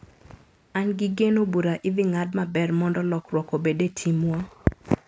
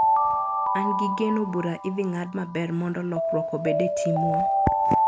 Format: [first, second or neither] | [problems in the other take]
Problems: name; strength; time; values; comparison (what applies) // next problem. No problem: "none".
first | background sound (Alarm); 3 dB above the speech